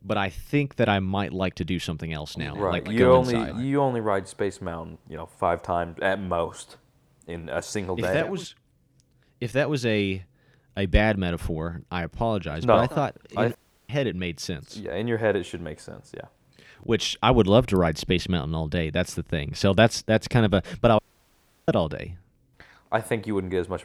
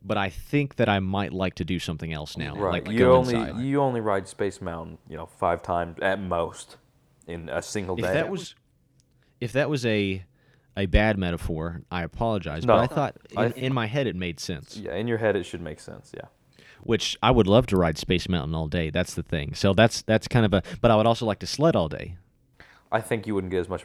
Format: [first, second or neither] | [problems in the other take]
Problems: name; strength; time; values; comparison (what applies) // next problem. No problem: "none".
second | audio cutting out; at 14 s and at 21 s for 0.5 s